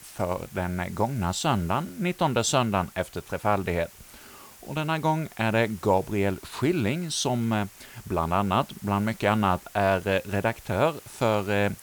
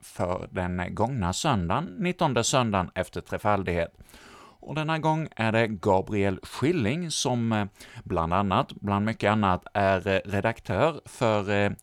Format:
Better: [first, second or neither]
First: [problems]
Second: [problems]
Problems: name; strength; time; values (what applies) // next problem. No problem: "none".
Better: second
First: hiss; faint; throughout; 20 dB below the speech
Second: none